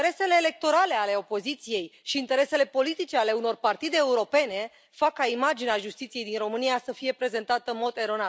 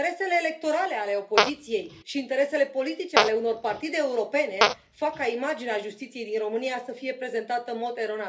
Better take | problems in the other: first | background sound (Fart); 1 dB below the speech // room echo; dies away in 0.3 s

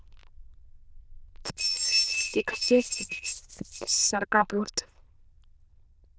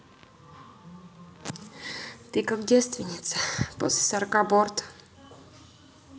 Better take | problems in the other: second | noise reduction (neural diffusion model UNIVERSE++)

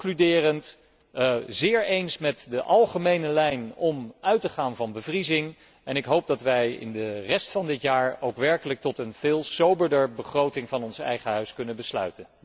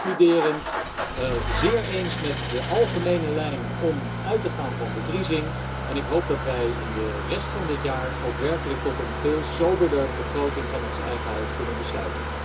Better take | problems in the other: first | background sound (Idling / Engine starting); 2 dB below the speech // room echo; dies away in 0.2 s

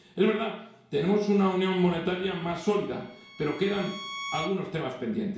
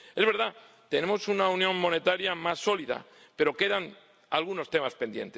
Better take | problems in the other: second | background sound (Bowed string instrument); 15 dB below the speech // room echo; dies away in 0.6 s

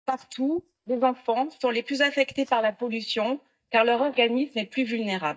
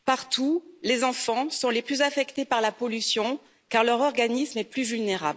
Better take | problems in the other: second | noise reduction (neural mask model DeepFilterNet 3)

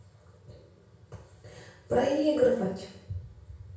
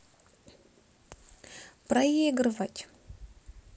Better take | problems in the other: second | room echo; dies away in 0.6 s

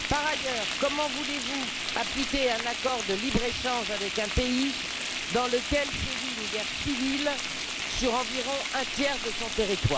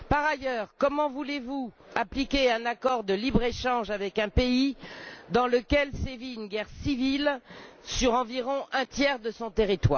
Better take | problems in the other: second | background sound (Frying (food)); 2 dB below the speech

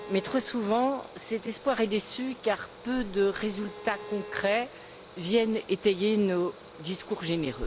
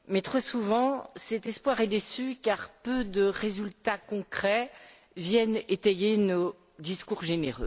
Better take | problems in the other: second | background sound (Bowed string instrument + Mechanical fan); 16 dB below the speech

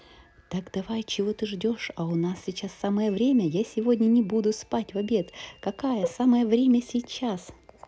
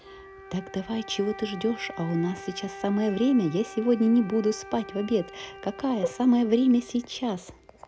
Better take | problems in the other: first | background sound (Wind instrument, woodwind instrument); 17 dB below the speech

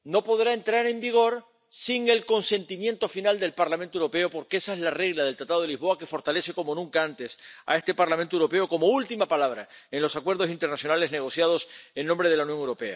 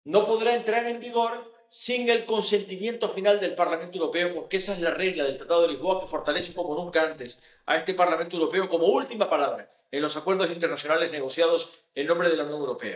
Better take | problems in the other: first | noise reduction (neural mask model DeepFilterNet 3)

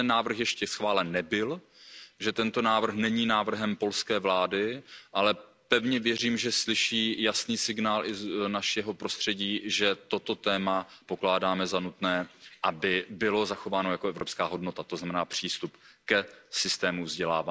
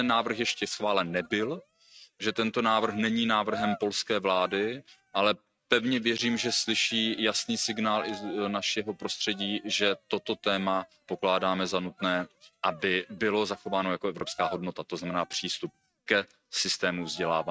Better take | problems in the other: first | noise reduction (neural mask model RNNoise)

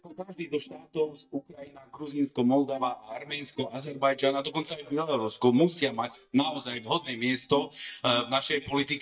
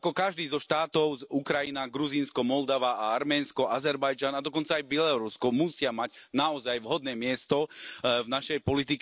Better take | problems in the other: second | noise reduction (neural mask model DeepFilterNet 3)

